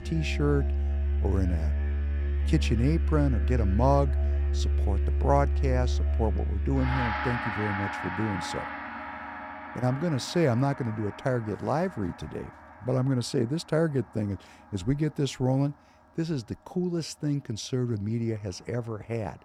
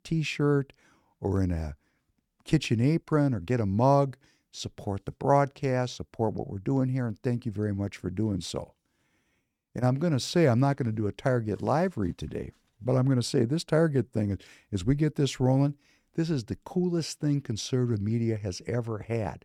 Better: second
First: background music; loud; throughout; as loud as the speech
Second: none

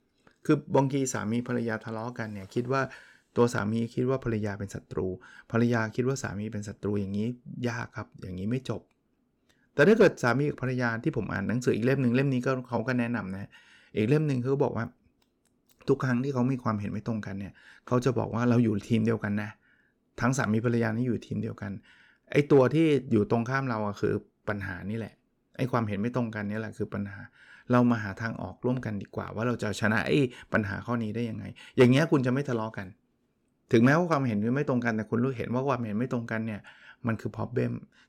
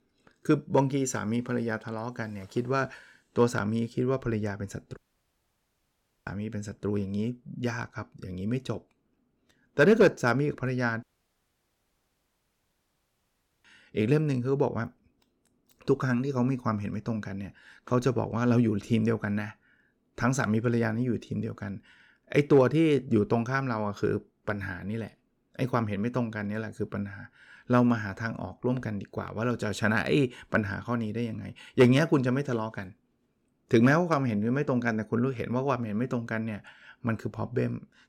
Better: first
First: none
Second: audio cutting out; at 5 s for 1.5 s and at 11 s for 2.5 s

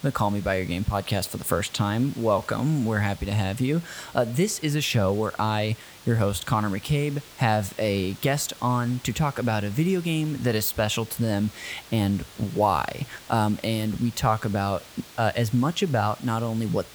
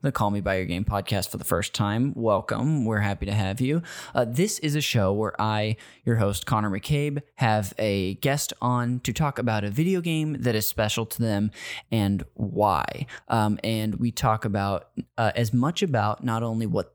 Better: second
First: hiss; noticeable; throughout; 20 dB below the speech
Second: none

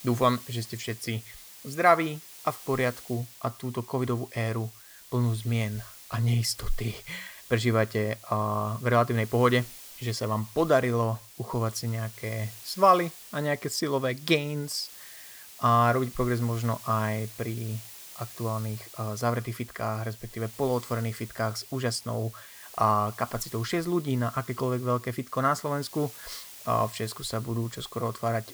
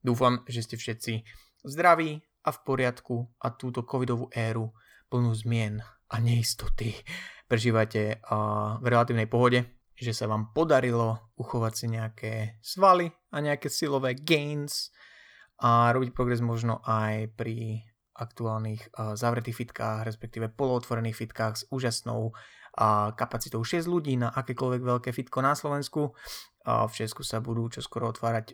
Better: second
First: hiss; noticeable; throughout; 15 dB below the speech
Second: none

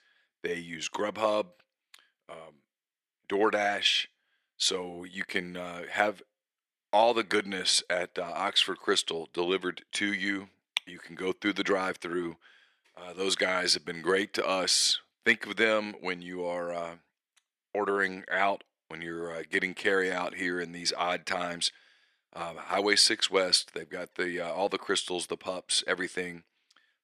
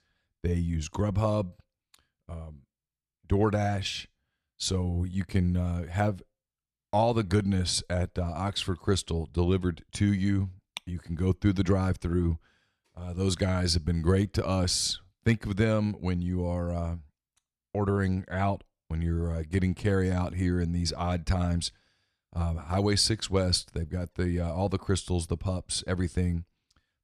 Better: second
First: thin; very; fading below 350 Hz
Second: none

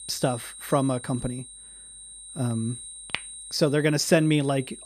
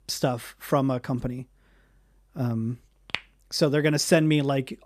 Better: second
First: high-pitched whine; noticeable; throughout; 8.5 kHz, 15 dB below the speech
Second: none

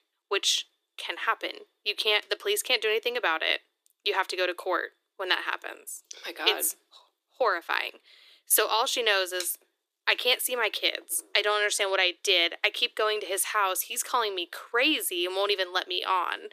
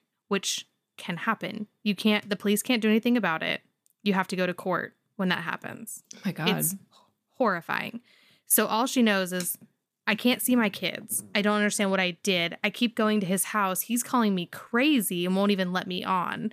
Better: second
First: thin; very; fading below 350 Hz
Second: none

